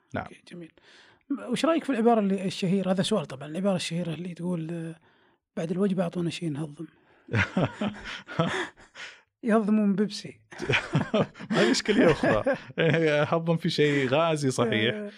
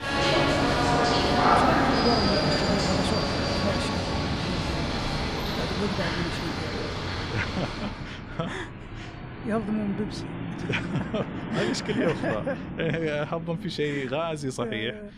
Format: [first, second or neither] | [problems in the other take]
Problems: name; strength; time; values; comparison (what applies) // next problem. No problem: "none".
first | traffic noise; very loud; throughout; 4 dB above the speech